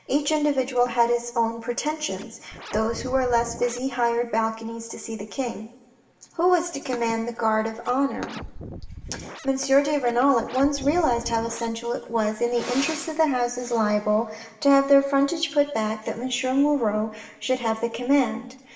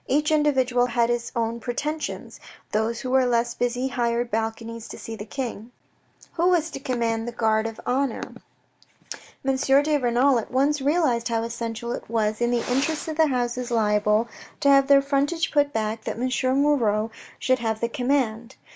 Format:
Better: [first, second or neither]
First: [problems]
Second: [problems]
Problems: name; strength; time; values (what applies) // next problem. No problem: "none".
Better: second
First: background sound (Scratching (performance technique)); 14 dB below the speech // room echo; dies away in 0.9 s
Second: none